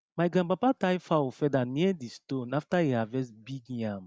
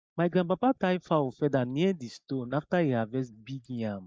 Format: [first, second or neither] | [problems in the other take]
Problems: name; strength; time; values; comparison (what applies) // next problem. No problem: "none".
first | noise reduction (neural mask model Resemble Enhance denoiser)